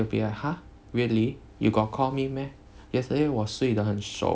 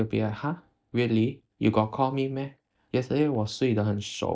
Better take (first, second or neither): first